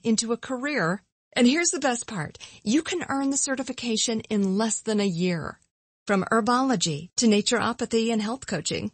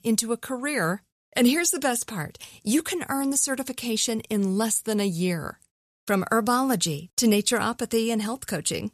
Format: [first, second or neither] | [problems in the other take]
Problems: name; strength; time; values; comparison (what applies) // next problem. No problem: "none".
second | garbled, watery; slightly; nothing above 8 kHz